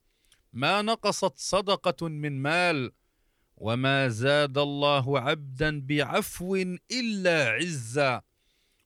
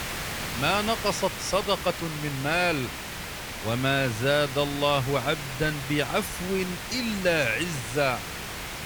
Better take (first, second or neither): first